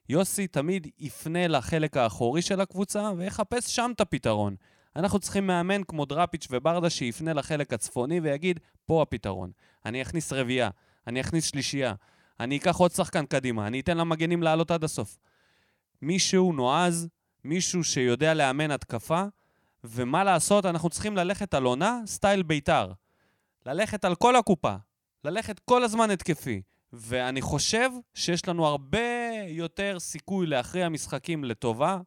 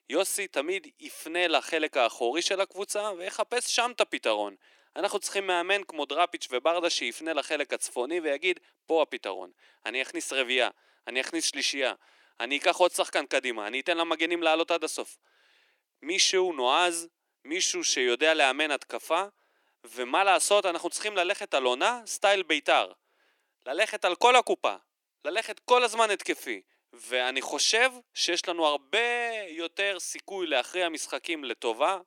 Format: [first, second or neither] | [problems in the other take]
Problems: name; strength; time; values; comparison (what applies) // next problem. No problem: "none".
first | thin; very; fading below 300 Hz